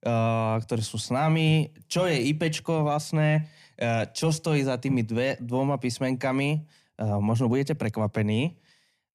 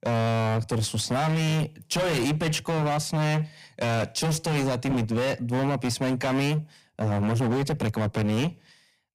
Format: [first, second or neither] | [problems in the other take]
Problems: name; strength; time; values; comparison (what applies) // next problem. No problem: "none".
first | distortion; heavy; 34% of the sound clipped